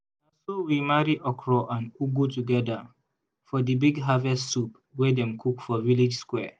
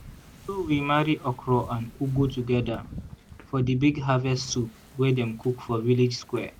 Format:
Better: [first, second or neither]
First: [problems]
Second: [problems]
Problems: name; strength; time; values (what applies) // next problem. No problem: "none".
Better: first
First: none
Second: background sound (Wind / Ocean); 16 dB below the speech